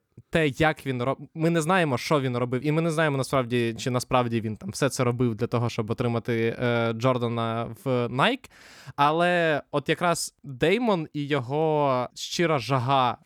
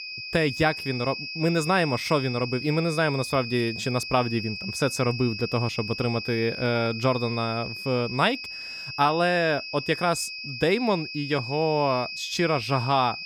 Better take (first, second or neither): first